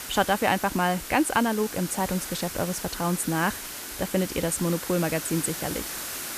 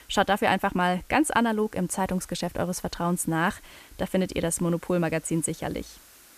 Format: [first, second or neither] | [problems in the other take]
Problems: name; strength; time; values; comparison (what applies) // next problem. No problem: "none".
second | hiss; loud; throughout; 7 dB below the speech; faint in the second